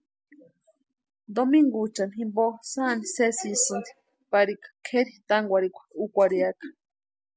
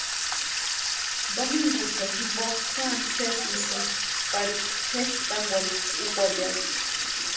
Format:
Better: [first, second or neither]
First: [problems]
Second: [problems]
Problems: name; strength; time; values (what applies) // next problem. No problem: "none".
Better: first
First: none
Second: background sound (Sink (filling or washing) / Water tap, faucet); 4 dB above the speech // room echo; dies away in 0.6 s